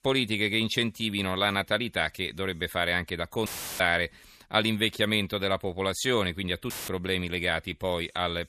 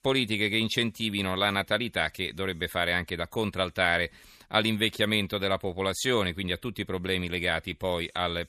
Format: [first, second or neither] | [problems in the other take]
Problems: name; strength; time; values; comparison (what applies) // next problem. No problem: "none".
second | audio cutting out; filled with static; at 3.5 s and at 6.5 s